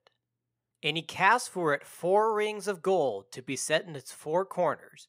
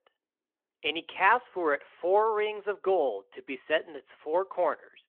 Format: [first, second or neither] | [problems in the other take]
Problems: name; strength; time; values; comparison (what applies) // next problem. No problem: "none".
first | phone-call audio; nothing above 3.5 kHz